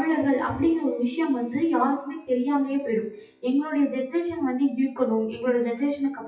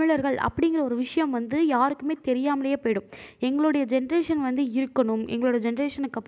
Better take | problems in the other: second | noise reduction (classical method WPE with log-MMSE)

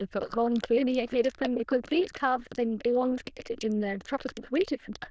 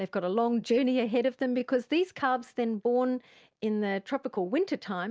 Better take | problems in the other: second | noise reduction (neural diffusion model UNIVERSE++)

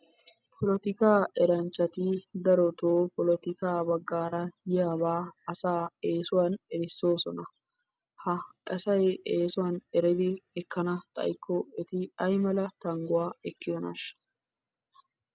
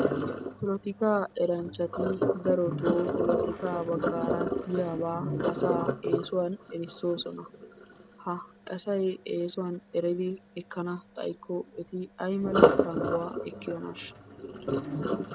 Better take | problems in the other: first | background sound (Sink (filling or washing)); 1 dB above the speech

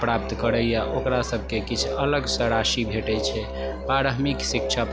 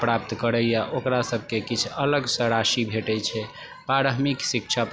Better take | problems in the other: second | background sound (Musical instrument); 5 dB below the speech

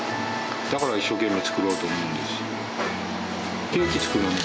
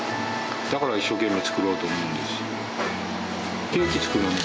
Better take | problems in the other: second | background sound (Hi-hat); 16 dB below the speech

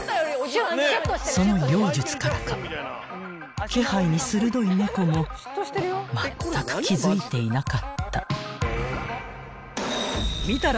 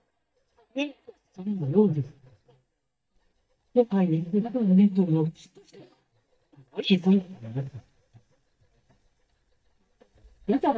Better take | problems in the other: first | noise reduction (neural mask model DeepFilterNet 3)

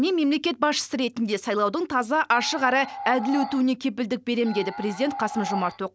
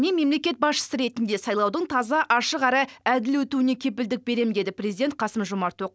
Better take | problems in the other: second | background sound (Animal); 9 dB below the speech

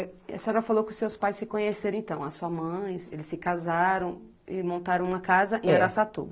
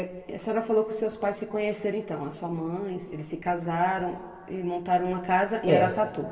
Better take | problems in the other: first | room echo; dies away in 2 s

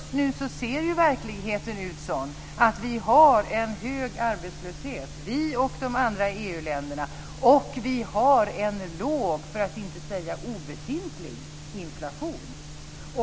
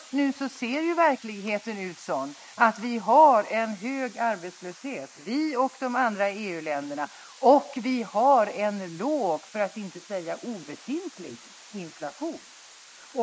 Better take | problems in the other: first | noise reduction (neural mask model Resemble Enhance denoiser)

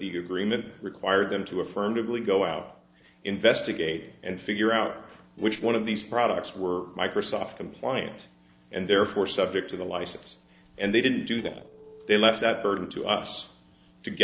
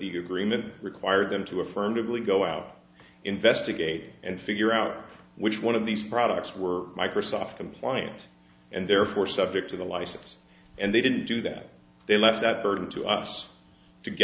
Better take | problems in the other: second | noise reduction (neural separator model SepFormer DNS4)

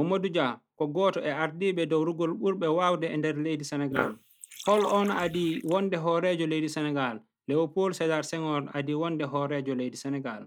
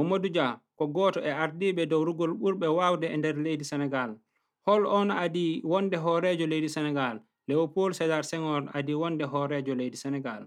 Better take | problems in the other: second | noise reduction (neural mask model Resemble Enhance denoiser)

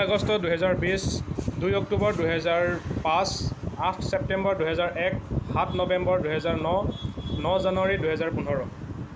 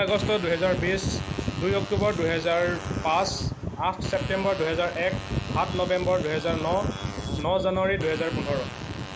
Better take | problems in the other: first | background sound (Fart); 14 dB below the speech

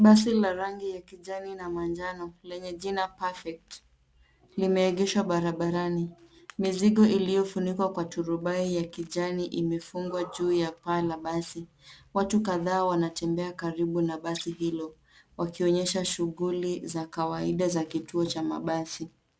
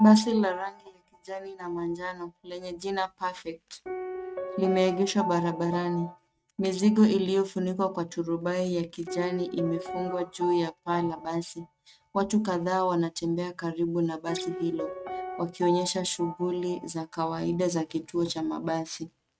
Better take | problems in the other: first | noise reduction (neural mask model RNNoise)

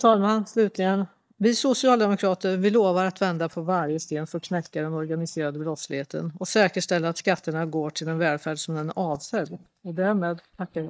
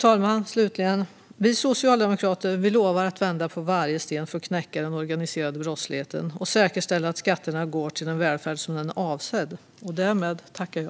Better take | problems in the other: second | noise reduction (neural mask model DeepFilterNet 3)

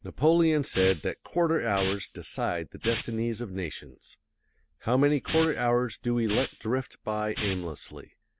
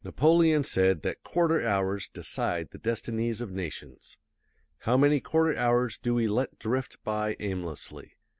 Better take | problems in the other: second | background sound (Hiss); 11 dB below the speech

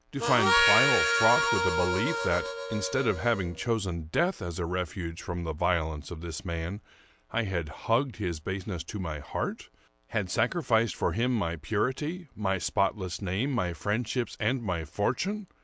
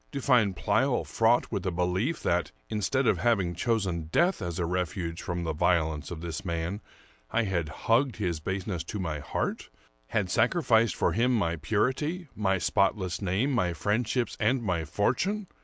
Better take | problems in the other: second | background sound (Harmonica); 2 dB above the speech

